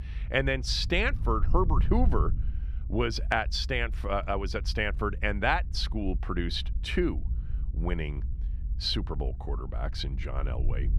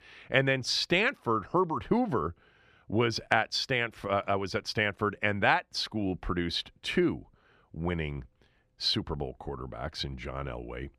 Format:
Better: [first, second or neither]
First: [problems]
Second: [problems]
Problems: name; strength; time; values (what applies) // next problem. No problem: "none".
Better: second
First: low rumble; faint; throughout; 20 dB below the speech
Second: none